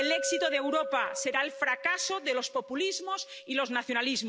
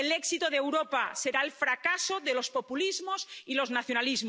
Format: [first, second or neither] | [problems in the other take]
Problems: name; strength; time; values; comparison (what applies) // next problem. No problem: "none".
second | background sound (Glass); 8 dB below the speech